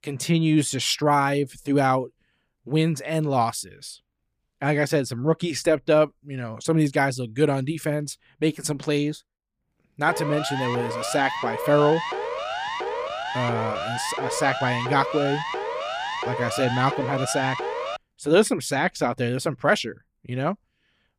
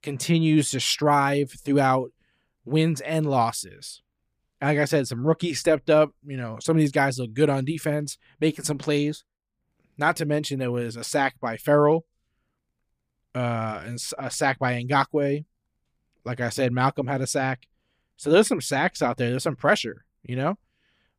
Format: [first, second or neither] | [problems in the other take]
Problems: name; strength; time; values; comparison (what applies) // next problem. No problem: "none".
second | siren; noticeable; from 10 to 18 s; peak 4 dB below the speech